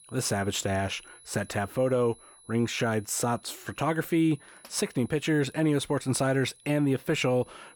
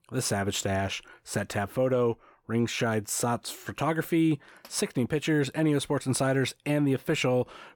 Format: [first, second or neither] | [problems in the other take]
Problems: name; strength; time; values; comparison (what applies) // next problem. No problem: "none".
second | high-pitched whine; faint; throughout; 10.5 kHz, 25 dB below the speech